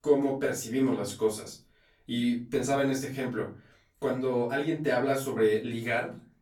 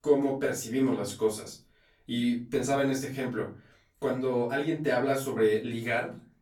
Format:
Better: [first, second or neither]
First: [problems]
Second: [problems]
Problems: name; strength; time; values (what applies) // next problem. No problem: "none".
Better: neither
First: room echo; slight; dies away in 0.4 s // off-mic speech; far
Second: room echo; slight; dies away in 0.4 s // off-mic speech; far